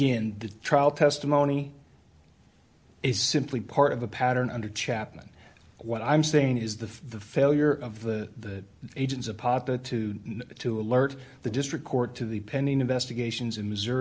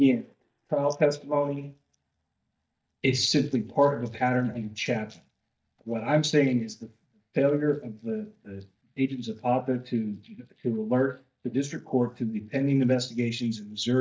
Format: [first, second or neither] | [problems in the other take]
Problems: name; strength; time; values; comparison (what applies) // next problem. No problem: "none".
first | noise reduction (neural mask model DeepFilterNet 3)